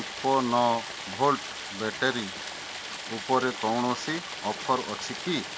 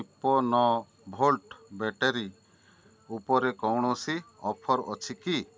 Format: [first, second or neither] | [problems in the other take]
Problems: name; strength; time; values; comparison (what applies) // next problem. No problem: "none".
second | background sound (Stream); 8 dB below the speech